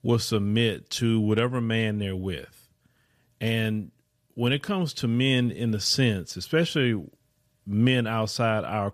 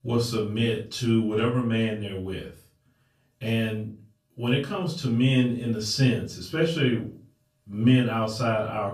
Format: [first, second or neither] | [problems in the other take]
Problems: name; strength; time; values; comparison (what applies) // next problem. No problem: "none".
first | off-mic speech; far // room echo; slight; dies away in 0.3 s